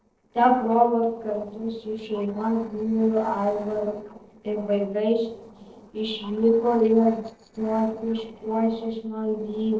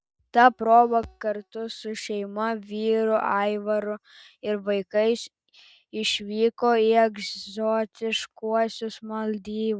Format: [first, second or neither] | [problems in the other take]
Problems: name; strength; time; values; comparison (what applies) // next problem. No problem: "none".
second | noise reduction (neural separator model SepFormer DNS4)